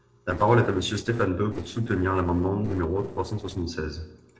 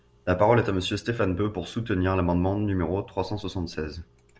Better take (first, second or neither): second